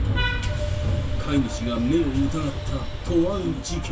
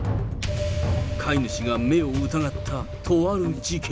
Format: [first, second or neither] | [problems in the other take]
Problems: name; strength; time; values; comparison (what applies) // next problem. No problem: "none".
second | background sound (Vehicle horn, car horn, honking); 13 dB below the speech // room echo; dies away in 0.2 s